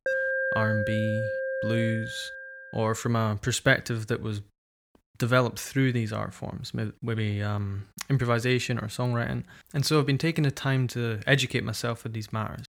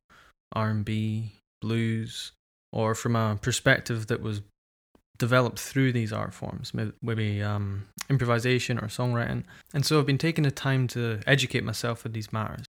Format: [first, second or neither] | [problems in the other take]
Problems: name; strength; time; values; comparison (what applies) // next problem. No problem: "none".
second | alarm; loud; until 2.5 s; peak 2 dB above the speech